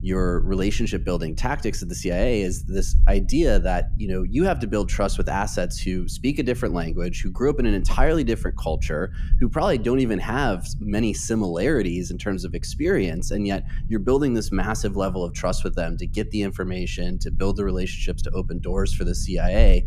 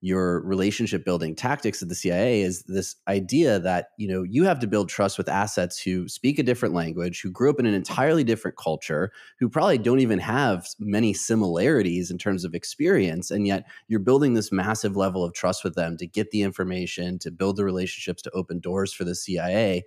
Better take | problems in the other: second | low rumble; faint; throughout; 20 dB below the speech

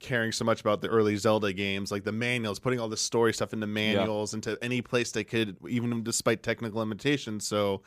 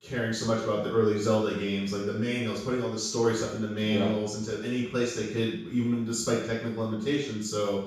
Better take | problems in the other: first | room echo; noticeable; dies away in 0.6 s // off-mic speech; far

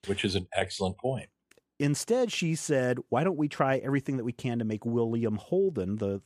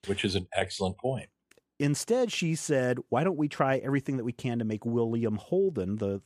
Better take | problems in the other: neither | none

